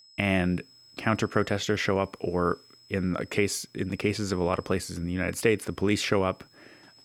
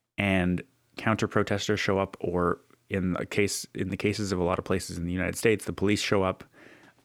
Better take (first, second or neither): second